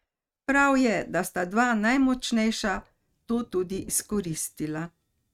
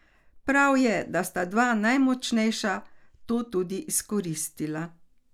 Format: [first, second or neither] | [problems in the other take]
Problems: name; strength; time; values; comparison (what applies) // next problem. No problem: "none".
second | noise reduction (neural mask model RNNoise)